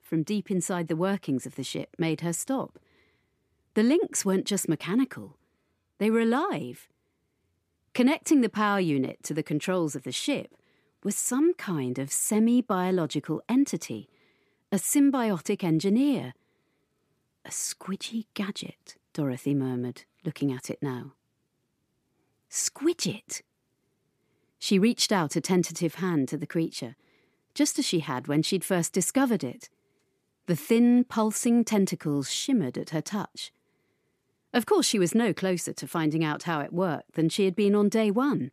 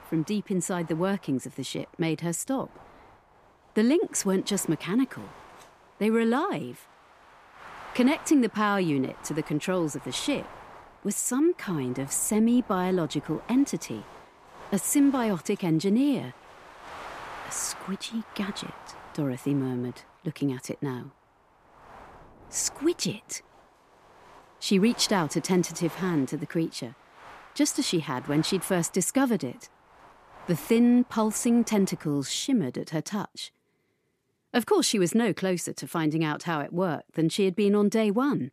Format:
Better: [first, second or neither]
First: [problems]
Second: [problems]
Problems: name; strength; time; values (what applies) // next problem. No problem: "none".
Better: first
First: none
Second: wind noise on the microphone; occasional gusts; until 33 s; 15 dB below the speech